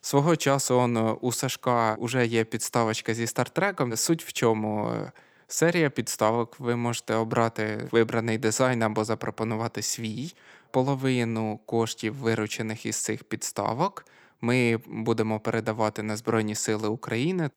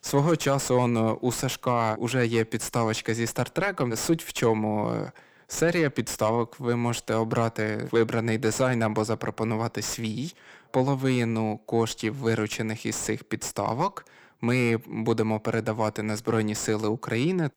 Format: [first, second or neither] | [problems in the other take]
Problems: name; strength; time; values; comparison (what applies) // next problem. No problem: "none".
first | distortion; slight; 10 dB below the speech